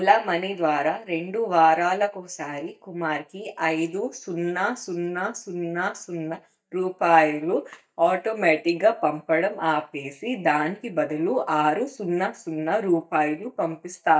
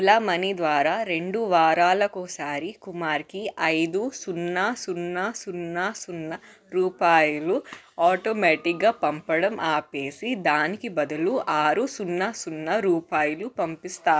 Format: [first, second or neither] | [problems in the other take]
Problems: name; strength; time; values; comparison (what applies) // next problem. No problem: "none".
second | noise reduction (neural mask model DeepFilterNet 3)